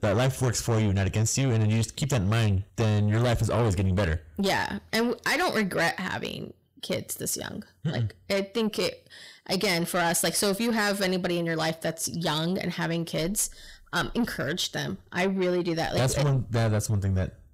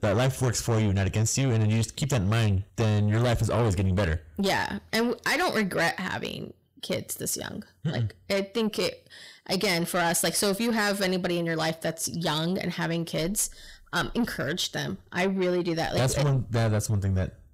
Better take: neither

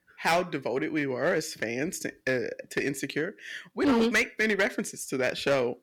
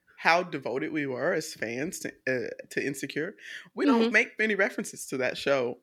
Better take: second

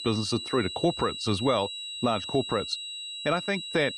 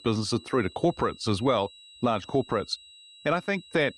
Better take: second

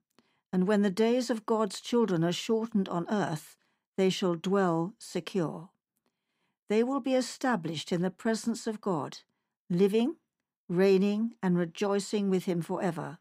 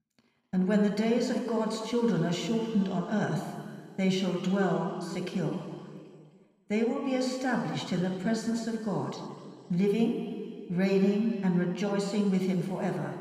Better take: first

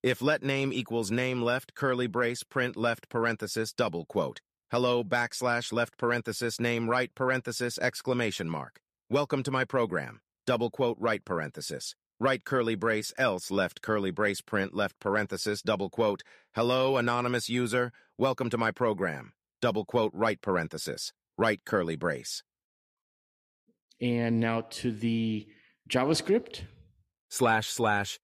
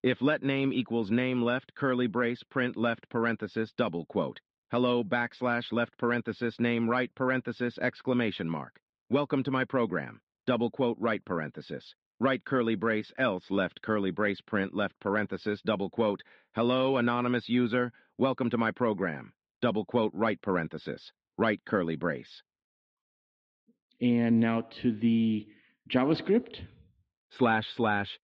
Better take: first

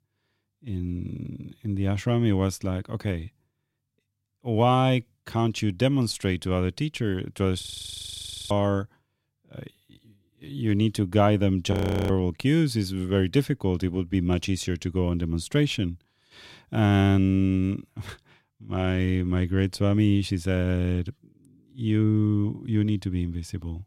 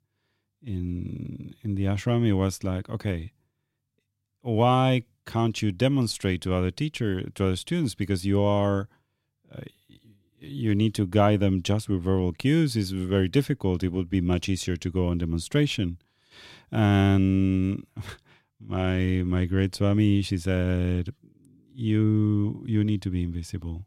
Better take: second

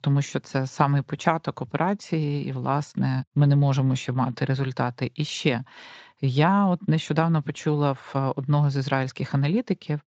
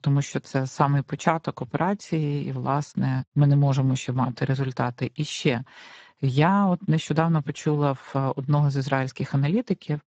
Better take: first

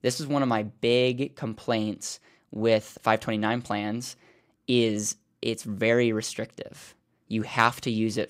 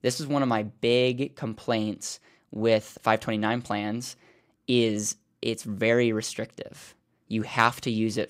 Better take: neither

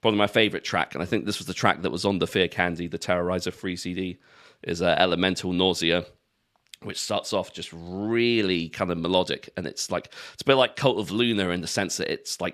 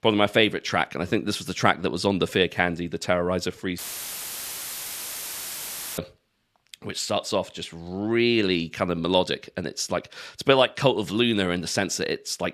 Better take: first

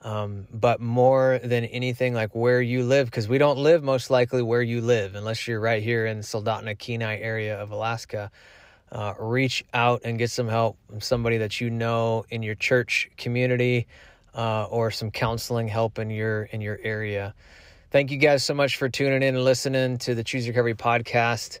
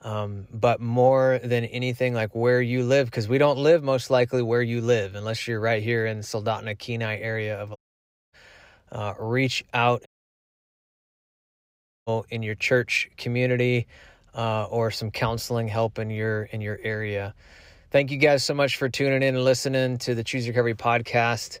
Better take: first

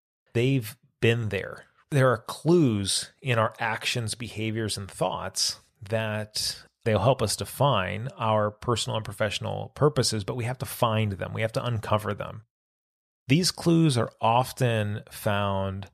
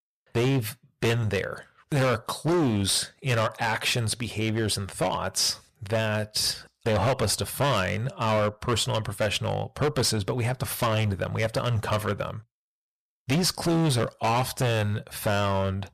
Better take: first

